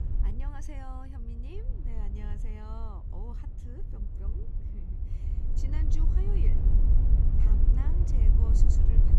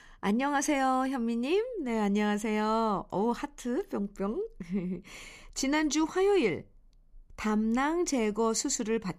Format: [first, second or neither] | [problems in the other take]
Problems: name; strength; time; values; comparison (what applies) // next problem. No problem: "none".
second | wind noise on the microphone; heavy; 2 dB above the speech